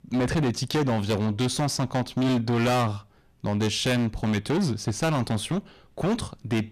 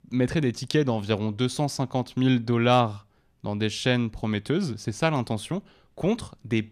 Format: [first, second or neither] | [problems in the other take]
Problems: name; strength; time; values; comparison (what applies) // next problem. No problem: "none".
second | distortion; heavy; 19% of the sound clipped